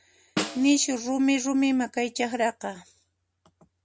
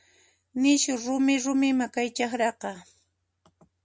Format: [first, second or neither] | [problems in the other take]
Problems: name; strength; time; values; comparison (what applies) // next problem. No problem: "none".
second | background sound (Snare drum); 11 dB below the speech